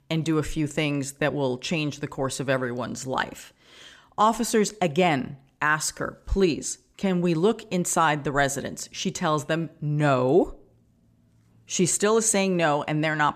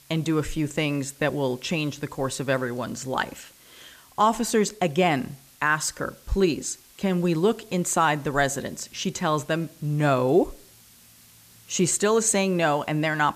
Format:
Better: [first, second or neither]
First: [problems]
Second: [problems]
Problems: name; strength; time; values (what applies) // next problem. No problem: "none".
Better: first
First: none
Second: hiss; faint; throughout; 25 dB below the speech